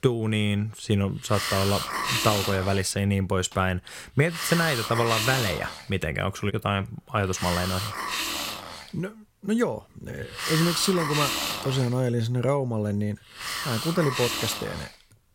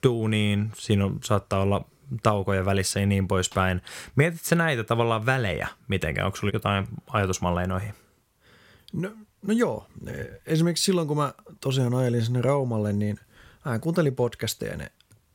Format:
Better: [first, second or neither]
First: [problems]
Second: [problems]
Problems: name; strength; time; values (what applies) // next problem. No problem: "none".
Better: second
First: hiss; loud; throughout; 2 dB below the speech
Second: none